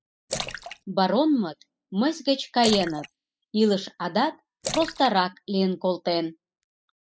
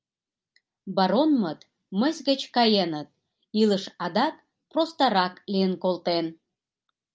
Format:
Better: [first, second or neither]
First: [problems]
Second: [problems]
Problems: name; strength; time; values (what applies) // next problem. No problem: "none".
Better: second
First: noise reduction (classical method spectral subtraction)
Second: none